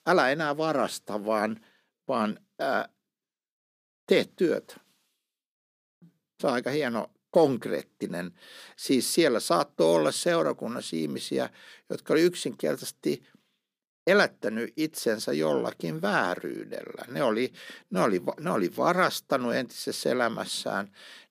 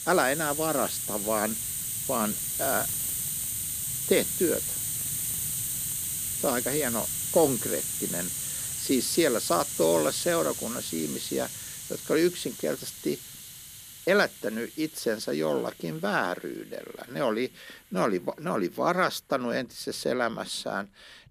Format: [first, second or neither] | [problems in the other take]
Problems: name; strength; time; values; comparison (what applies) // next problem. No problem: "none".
first | hiss; loud; throughout; 1 dB below the speech